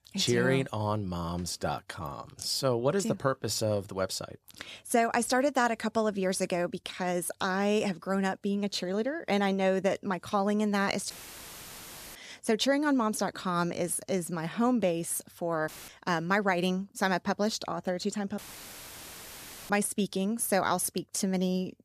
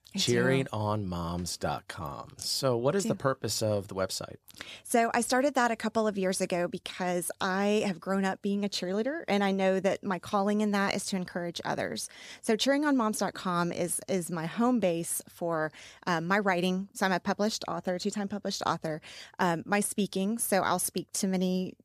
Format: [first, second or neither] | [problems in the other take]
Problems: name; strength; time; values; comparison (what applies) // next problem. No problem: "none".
second | audio cutting out; filled with static; at 11 s for 1 s, at 16 s and at 18 s for 1.5 s